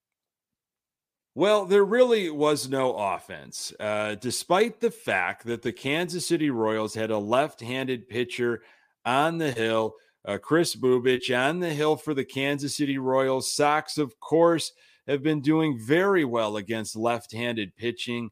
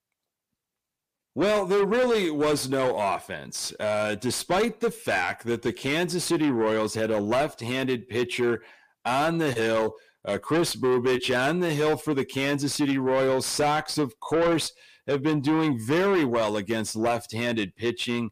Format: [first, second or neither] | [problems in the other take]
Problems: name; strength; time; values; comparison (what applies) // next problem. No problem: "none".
first | distortion; heavy; 8 dB below the speech